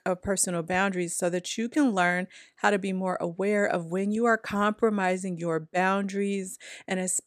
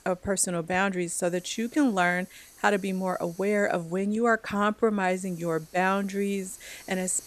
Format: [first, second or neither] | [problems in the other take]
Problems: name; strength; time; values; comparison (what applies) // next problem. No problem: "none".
first | hiss; faint; throughout; 25 dB below the speech